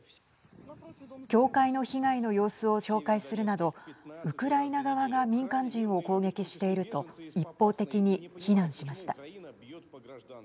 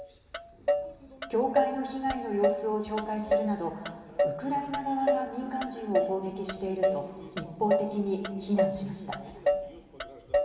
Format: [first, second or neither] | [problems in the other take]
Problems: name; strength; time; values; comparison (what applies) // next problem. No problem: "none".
first | background sound (Motor vehicle (road)); 1 dB above the speech // room echo; dies away in 2.3 s